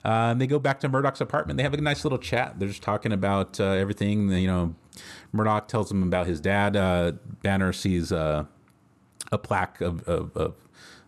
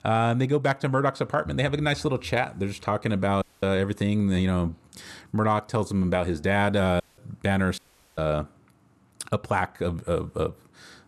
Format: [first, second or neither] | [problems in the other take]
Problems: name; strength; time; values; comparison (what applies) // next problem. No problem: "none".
first | audio cutting out; at 3.5 s, at 7 s and at 8 s